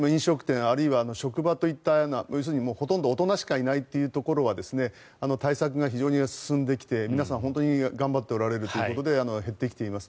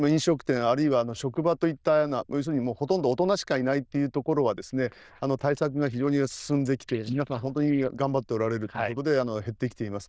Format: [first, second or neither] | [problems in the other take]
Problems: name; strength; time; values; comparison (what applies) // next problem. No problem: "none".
first | noise reduction (neural diffusion model UNIVERSE++)